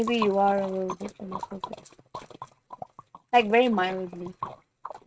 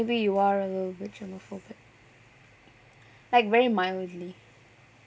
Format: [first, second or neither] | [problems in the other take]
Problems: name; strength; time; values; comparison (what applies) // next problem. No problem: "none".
second | noise reduction (neural mask model RNNoise)